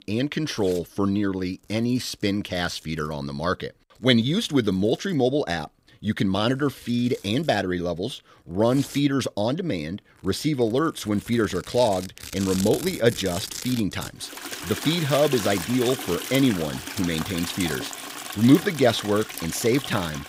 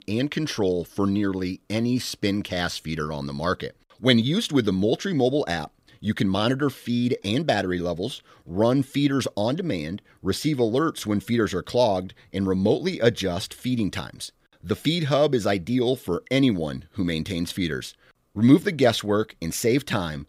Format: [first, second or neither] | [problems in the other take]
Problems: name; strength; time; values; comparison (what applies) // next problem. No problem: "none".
second | household noises; loud; throughout; 9 dB below the speech